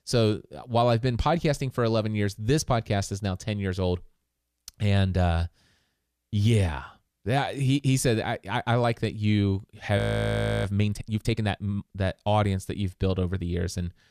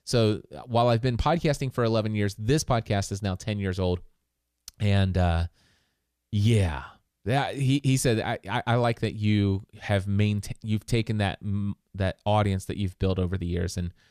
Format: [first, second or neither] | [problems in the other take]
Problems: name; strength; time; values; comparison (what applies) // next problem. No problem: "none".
second | audio freezing; at 10 s for 0.5 s